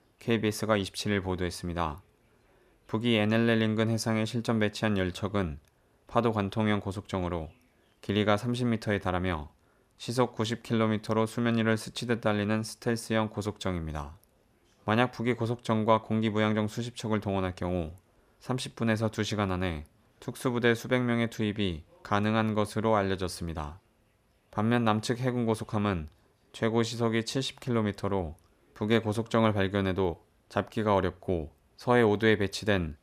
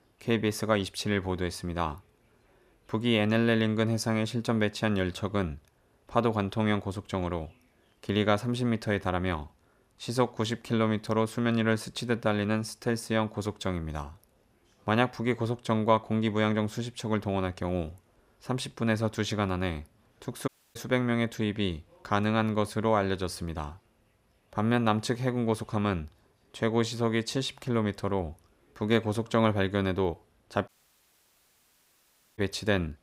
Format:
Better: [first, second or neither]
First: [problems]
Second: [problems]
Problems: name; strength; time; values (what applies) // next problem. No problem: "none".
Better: first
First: none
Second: audio cutting out; at 20 s and at 31 s for 1.5 s